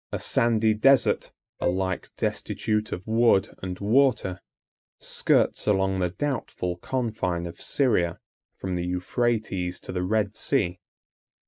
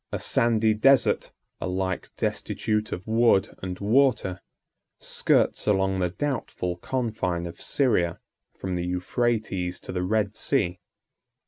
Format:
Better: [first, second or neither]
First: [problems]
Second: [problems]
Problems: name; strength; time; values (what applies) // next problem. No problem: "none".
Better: second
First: noise reduction (neural mask model DeepFilterNet 3)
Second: none